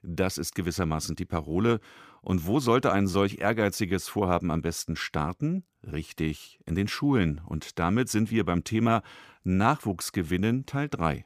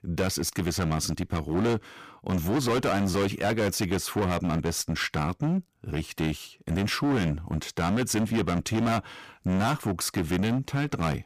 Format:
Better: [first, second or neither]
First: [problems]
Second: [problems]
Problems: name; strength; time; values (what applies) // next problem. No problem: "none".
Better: first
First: none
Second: distortion; heavy; 18% of the sound clipped